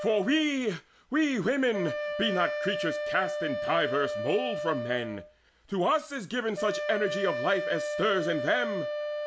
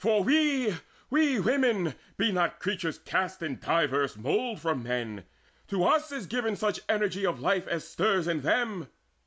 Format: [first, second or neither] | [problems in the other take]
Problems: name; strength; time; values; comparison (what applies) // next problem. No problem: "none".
second | background sound (Wind instrument, woodwind instrument); 5 dB below the speech